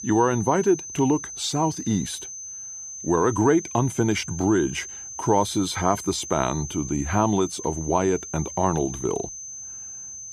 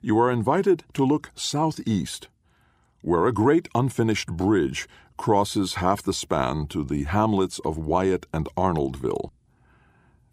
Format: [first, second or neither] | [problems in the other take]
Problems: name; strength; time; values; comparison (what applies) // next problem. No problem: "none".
second | high-pitched whine; noticeable; throughout; 6 kHz, 10 dB below the speech